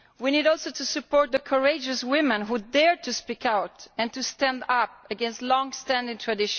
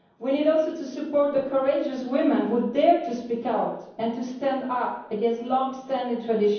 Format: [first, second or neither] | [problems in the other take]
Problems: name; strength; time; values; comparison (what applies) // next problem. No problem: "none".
first | room echo; dies away in 0.9 s